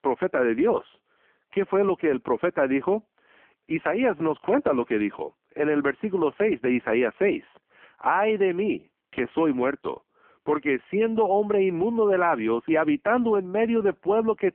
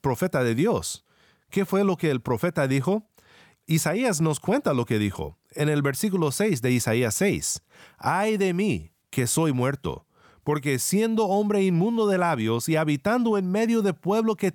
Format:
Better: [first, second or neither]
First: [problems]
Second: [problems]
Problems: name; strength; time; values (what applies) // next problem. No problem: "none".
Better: second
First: phone-call audio; poor line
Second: none